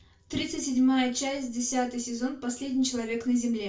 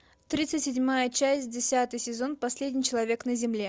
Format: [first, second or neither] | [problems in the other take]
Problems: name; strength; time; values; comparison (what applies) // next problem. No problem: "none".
second | room echo; dies away in 0.3 s